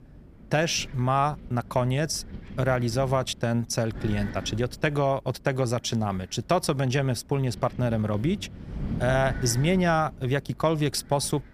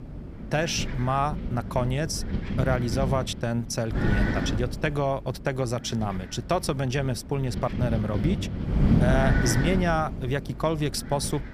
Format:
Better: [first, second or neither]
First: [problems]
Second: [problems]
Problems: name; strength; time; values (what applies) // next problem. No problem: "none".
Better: first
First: wind noise on the microphone; occasional gusts; 20 dB below the speech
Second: wind noise on the microphone; heavy; 6 dB below the speech